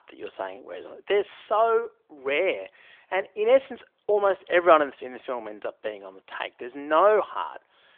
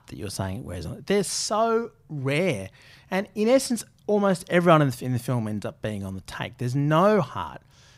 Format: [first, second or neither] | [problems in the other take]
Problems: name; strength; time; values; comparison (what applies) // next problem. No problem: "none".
second | phone-call audio; nothing above 3 kHz